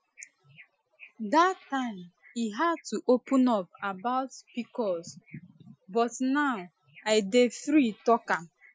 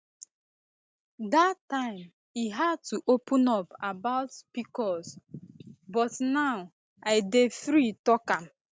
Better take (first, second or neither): second